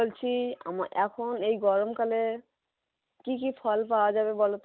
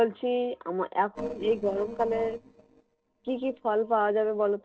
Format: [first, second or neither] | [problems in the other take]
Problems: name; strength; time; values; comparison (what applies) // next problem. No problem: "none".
first | noise reduction (neural separator model SepFormer DNS4)